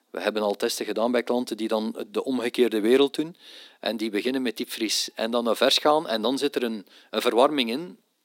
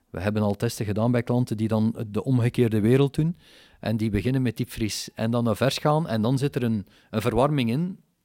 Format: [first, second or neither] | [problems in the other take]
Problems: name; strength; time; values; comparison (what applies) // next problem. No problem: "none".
second | thin; somewhat; fading below 250 Hz